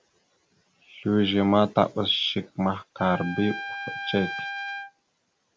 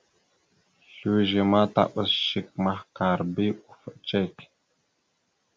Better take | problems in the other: second | background sound (Trumpet); 10 dB below the speech

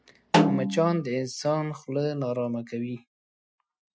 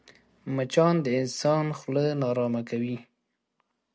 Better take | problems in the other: second | noise reduction (classical method Wiener filter)

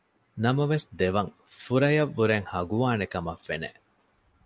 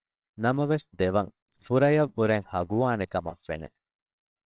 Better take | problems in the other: first | noise reduction (neural separator model SepFormer WHAMR!)

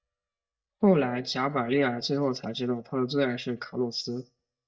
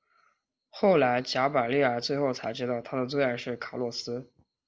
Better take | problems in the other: second | noise reduction (neural mask model DeepFilterNet 3)

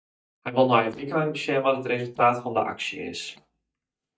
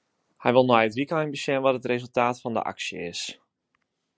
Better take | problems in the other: second | noise reduction (neural mask model DeepFilterNet 3)

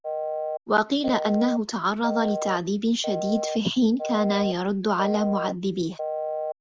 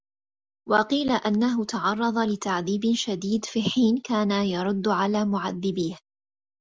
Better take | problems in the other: second | background sound (Telephone); 6 dB below the speech

